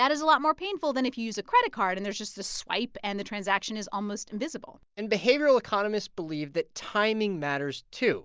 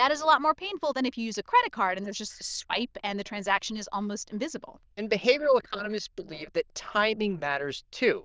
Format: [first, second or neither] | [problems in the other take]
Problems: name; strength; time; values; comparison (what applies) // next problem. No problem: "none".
first | noise reduction (neural diffusion model UNIVERSE++)